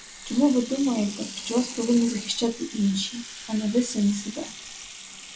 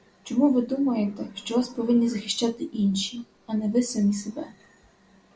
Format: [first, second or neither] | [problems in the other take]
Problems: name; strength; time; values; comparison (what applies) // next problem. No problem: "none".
second | background sound (Sink (filling or washing) / Water tap, faucet); 13 dB below the speech